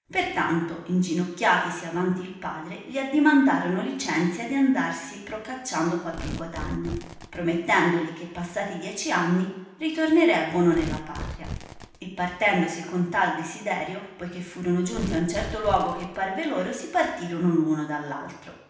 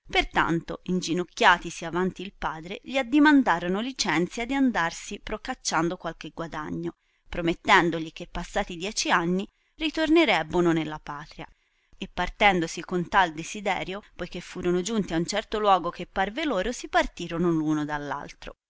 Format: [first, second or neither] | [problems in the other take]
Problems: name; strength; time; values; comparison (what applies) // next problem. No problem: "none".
second | background sound (Tearing); 13 dB below the speech // room echo; dies away in 0.9 s